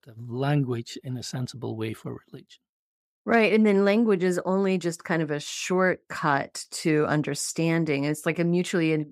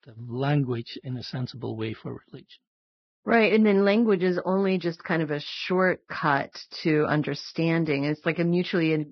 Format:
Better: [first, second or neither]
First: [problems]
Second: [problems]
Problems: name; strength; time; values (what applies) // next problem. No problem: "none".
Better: first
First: none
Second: garbled, watery; badly; nothing above 5.5 kHz